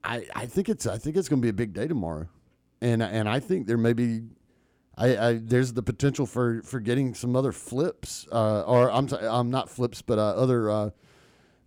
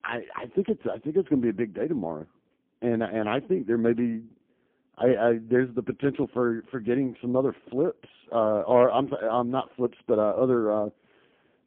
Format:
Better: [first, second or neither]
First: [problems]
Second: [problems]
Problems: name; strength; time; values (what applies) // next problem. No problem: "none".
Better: first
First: none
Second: phone-call audio; poor line; nothing above 3 kHz